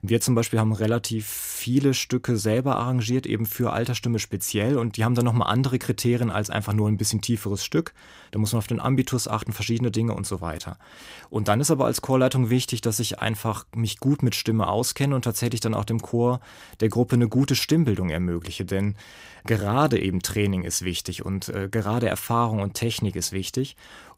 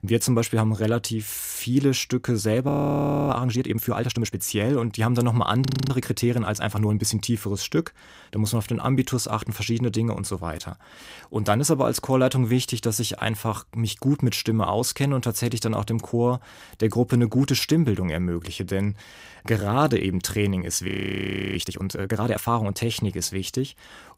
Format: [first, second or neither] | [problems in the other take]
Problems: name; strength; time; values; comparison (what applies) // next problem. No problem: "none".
first | audio freezing; at 2.5 s for 0.5 s, at 5.5 s and at 21 s for 0.5 s